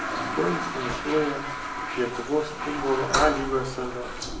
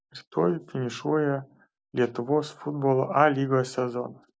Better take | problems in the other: second | background sound (Toilet flush); 3 dB below the speech // room echo; dies away in 0.6 s

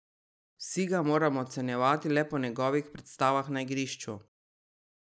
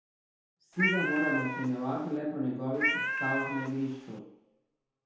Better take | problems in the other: first | background sound (Cat); 1 dB above the speech // room echo; dies away in 0.8 s

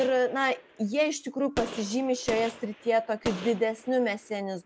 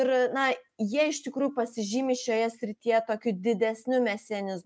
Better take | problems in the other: second | background sound (Gunshot, gunfire); 14 dB below the speech

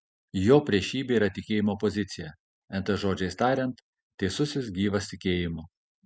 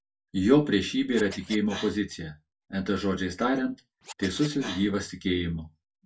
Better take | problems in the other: first | background sound (Scratching (performance technique)); 18 dB below the speech // room echo; dies away in 0.1 s

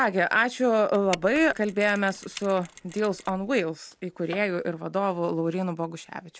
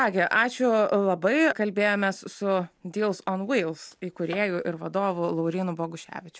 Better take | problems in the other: second | background sound (Mechanisms); 18 dB below the speech

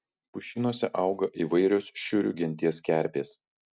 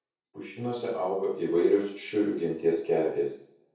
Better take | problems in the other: first | room echo; dies away in 0.6 s

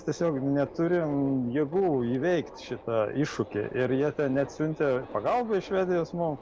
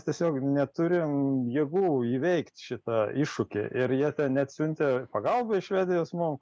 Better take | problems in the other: second | background sound (Subway, metro, underground); 17 dB below the speech

